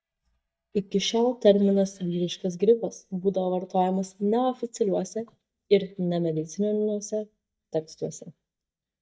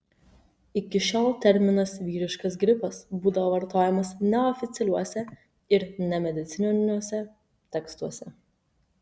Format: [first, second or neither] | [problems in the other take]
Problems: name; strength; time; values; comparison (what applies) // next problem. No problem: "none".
second | noise reduction (neural mask model DeepFilterNet 3)